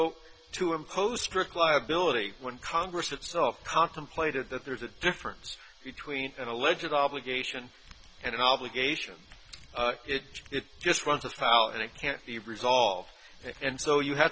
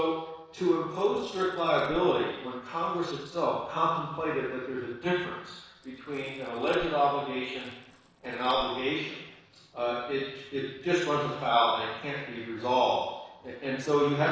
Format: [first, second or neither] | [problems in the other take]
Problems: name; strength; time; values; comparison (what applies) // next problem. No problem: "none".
first | noise reduction (neural separator model SepFormer DNS4)